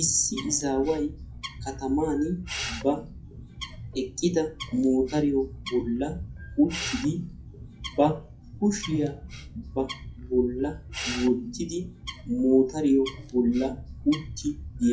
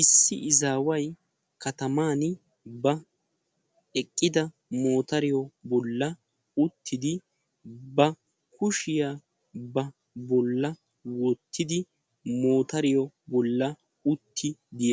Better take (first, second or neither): second